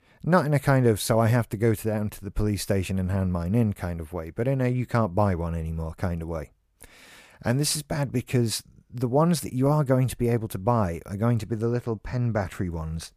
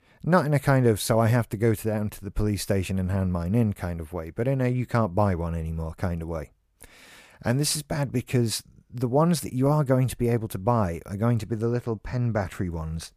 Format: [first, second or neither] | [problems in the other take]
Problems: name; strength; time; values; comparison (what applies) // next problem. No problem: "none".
neither | none